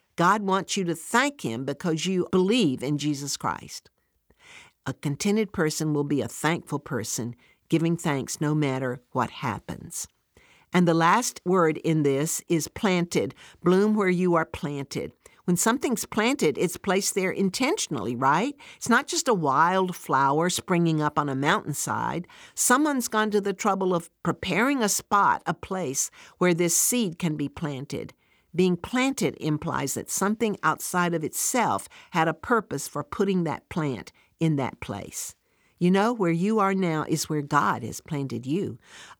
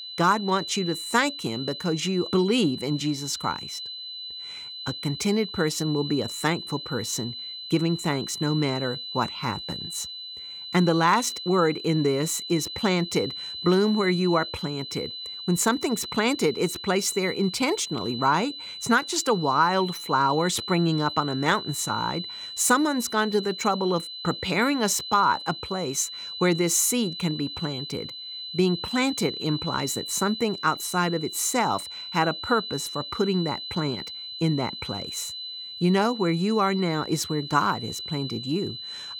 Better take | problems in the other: first | high-pitched whine; loud; throughout; 4 kHz, 8 dB below the speech

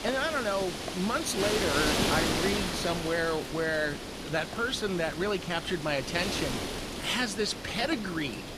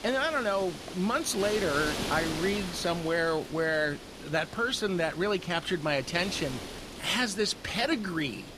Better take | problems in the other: second | wind noise on the microphone; heavy; 3 dB below the speech; occasional gusts in the second

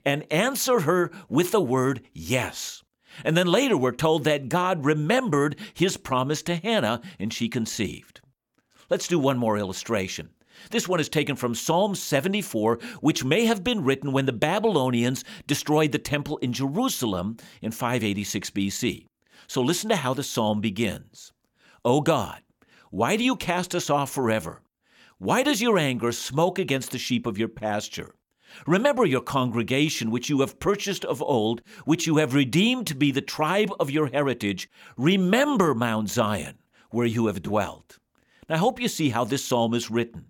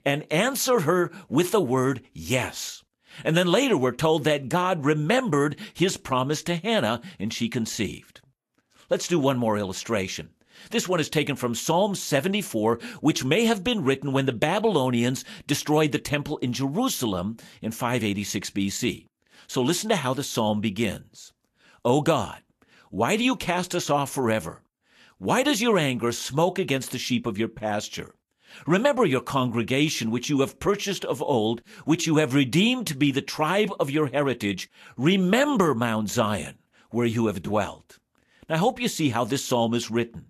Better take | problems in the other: first | garbled, watery; slightly; nothing above 13 kHz

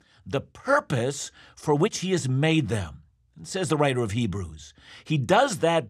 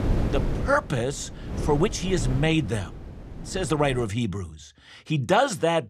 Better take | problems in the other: first | wind noise on the microphone; occasional gusts; until 4 s; 15 dB below the speech

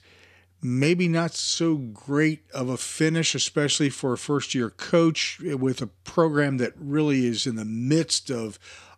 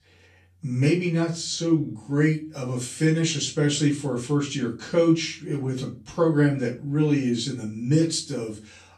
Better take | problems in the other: first | off-mic speech; far // room echo; slight; dies away in 0.3 s

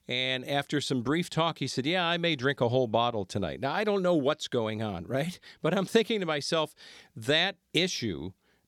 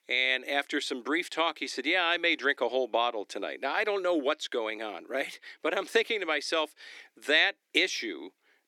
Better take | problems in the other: first | thin; somewhat; fading below 300 Hz

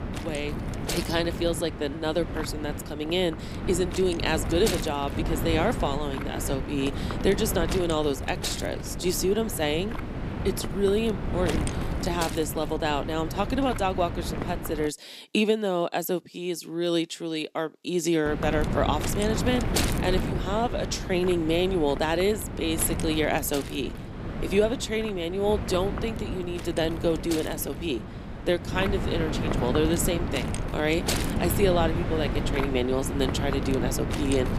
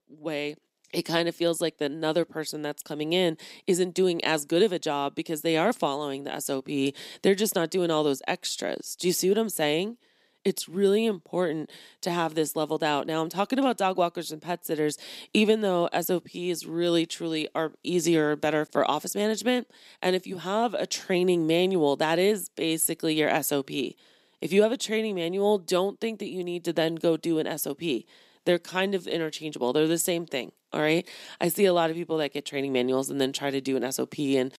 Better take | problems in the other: second | wind noise on the microphone; heavy; until 15 s and from 18 s on; 7 dB below the speech

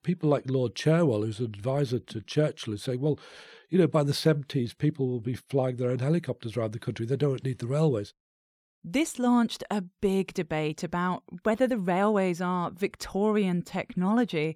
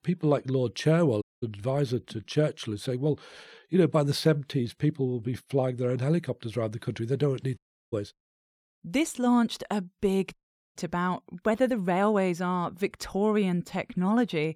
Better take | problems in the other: first | audio cutting out; at 1 s, at 7.5 s and at 10 s

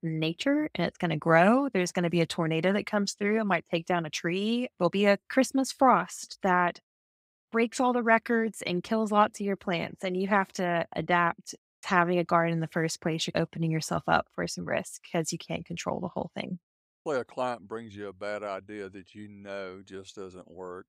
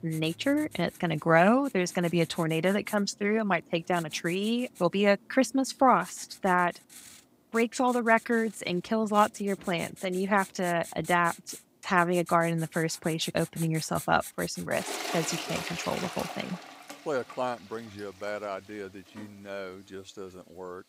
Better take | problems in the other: first | household noises; noticeable; throughout; 15 dB below the speech

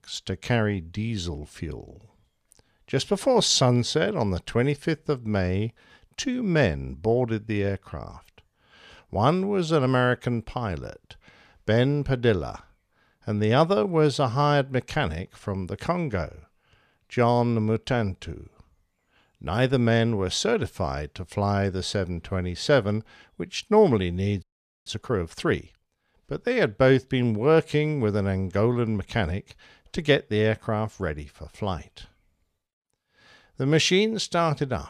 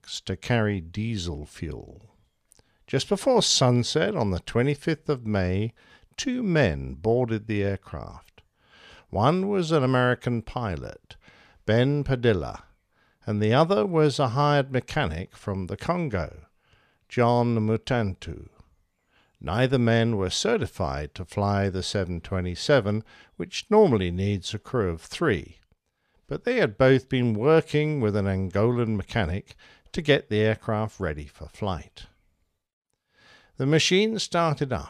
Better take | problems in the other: second | audio freezing; at 24 s

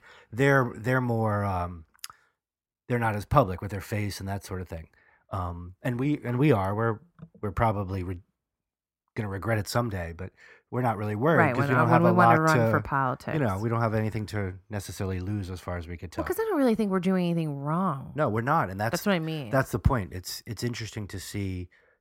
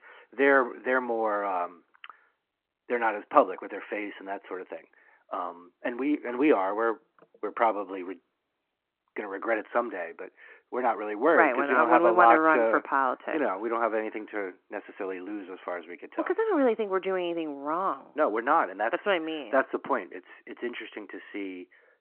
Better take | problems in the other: first | phone-call audio

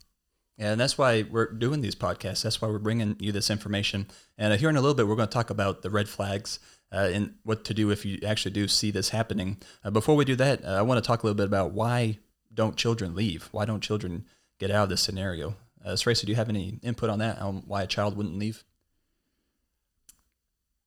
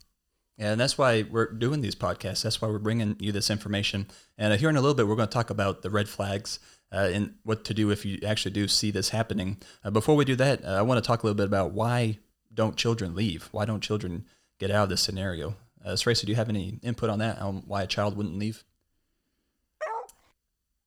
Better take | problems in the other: first | dog barking; noticeable; at 20 s; peak 8 dB below the speech

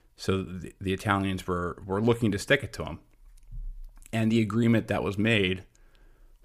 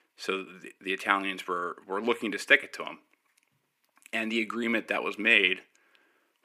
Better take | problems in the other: first | thin; somewhat; fading below 250 Hz

